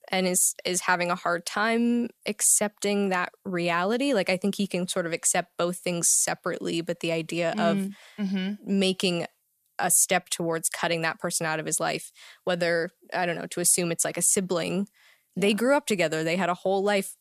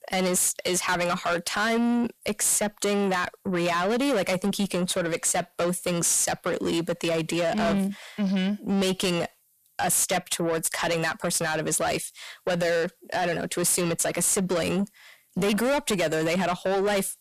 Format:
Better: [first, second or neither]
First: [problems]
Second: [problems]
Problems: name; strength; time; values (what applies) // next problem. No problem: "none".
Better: first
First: none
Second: distortion; heavy; 7 dB below the speech